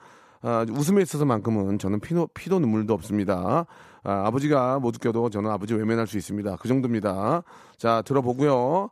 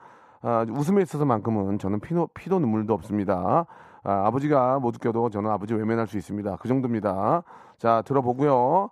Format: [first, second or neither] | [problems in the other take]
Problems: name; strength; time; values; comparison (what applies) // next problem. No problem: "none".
first | muffled; slightly; fading above 2.5 kHz